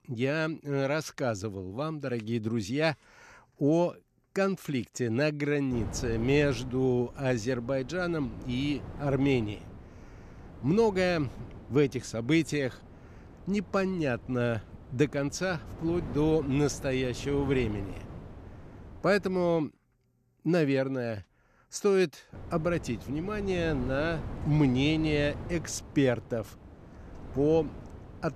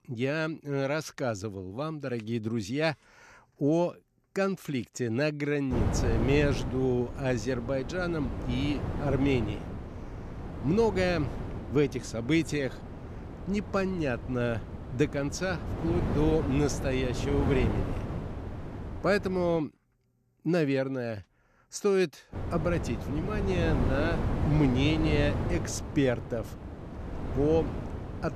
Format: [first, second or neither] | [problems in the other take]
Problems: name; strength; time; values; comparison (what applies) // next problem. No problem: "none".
first | wind noise on the microphone; heavy; from 5.5 to 20 s and from 22 s on; 8 dB below the speech; occasional gusts in the first